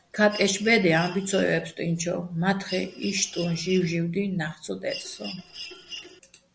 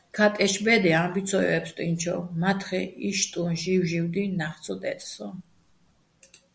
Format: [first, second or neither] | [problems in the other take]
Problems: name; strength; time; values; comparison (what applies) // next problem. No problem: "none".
second | background sound (Mechanisms); 14 dB below the speech